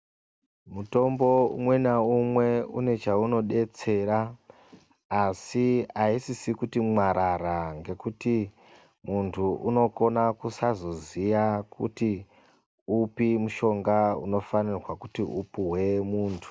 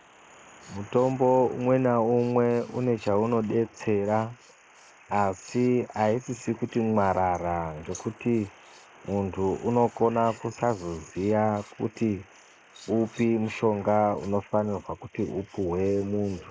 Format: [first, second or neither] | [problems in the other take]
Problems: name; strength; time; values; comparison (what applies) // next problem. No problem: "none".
first | noise reduction (neural mask model Resemble Enhance denoiser)